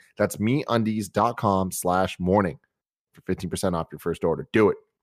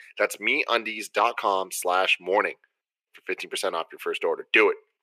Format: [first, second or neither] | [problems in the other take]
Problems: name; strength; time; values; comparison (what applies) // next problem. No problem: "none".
first | thin; very; fading below 400 Hz